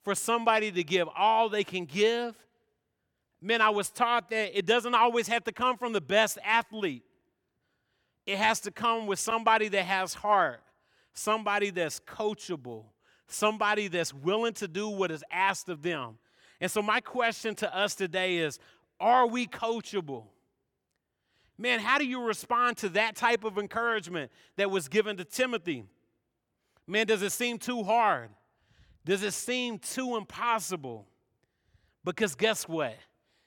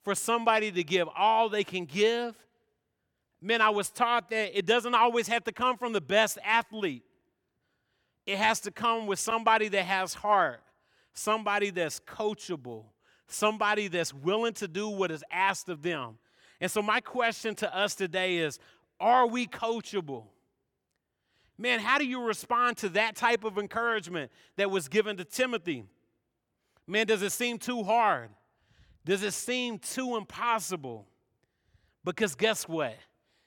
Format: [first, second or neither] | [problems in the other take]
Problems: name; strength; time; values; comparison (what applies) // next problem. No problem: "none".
neither | none